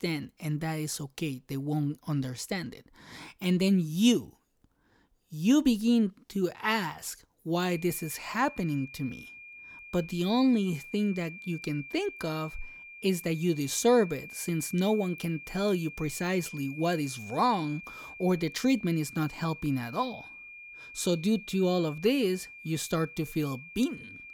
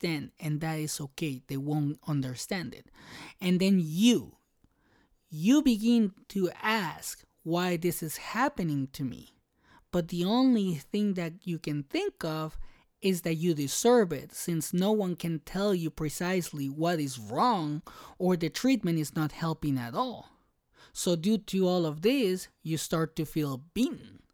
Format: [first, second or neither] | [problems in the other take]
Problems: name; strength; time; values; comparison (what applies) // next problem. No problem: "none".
second | high-pitched whine; noticeable; from 7.5 s on; 2.5 kHz, 15 dB below the speech